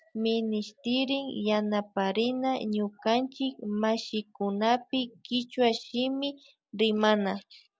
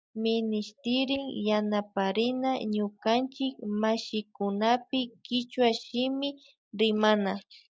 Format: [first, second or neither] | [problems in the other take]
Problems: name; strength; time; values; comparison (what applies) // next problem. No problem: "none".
first | noise reduction (neural mask model DeepFilterNet 3)